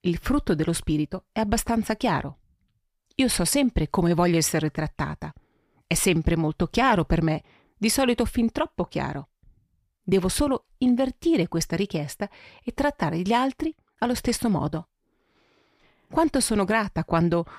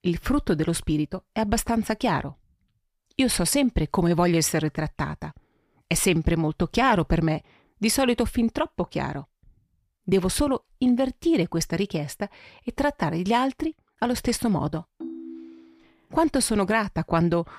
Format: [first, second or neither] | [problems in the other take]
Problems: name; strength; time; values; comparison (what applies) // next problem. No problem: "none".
first | phone ringing; faint; at 15 s; peak 10 dB below the speech